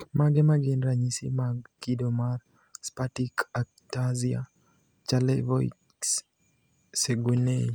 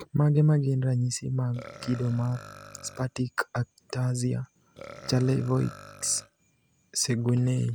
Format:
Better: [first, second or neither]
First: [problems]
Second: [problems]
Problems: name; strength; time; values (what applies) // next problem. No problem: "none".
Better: first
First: none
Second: background sound (Burping, eructation); 20 dB below the speech